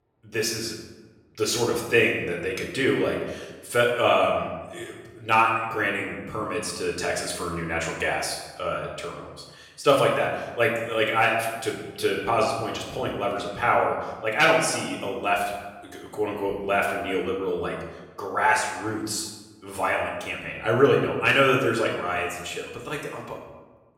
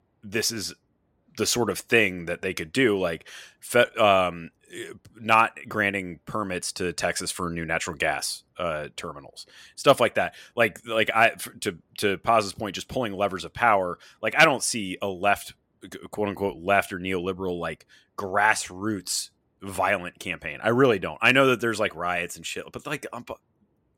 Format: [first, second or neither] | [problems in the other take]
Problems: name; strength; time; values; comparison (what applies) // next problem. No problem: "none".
second | room echo; noticeable; dies away in 0.9 s // off-mic speech; somewhat distant